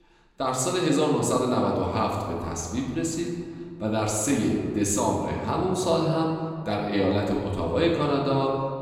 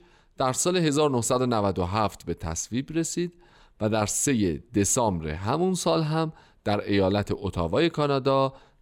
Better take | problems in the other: second | room echo; noticeable; dies away in 1.7 s // off-mic speech; somewhat distant

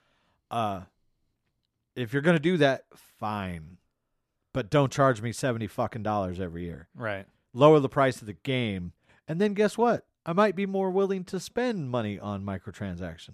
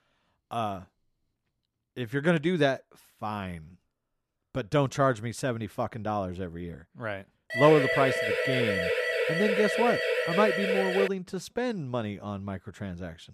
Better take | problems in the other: first | siren; loud; from 7.5 to 11 s; peak 3 dB above the speech

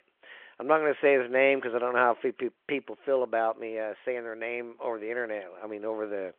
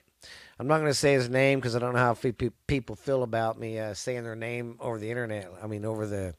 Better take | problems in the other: second | phone-call audio

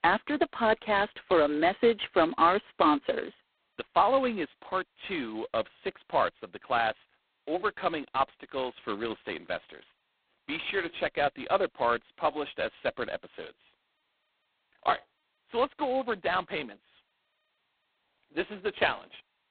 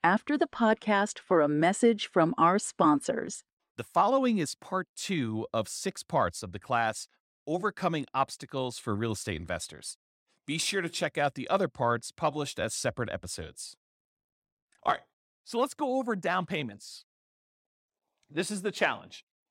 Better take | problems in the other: second | phone-call audio; poor line; nothing above 4 kHz

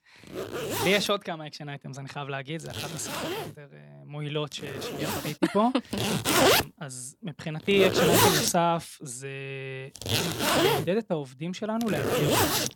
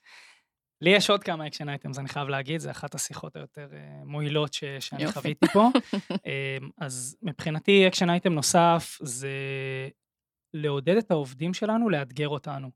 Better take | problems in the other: second | household noises; very loud; throughout; 4 dB above the speech

